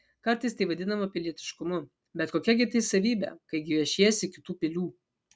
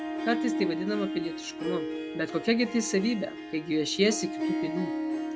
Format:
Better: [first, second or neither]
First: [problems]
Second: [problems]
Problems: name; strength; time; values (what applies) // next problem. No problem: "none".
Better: first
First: none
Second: background sound (Harp); 3 dB below the speech